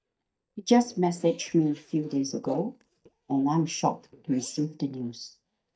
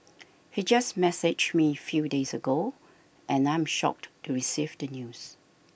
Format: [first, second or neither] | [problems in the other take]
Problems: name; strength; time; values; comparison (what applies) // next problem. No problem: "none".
second | noise reduction (neural mask model DeepFilterNet 3)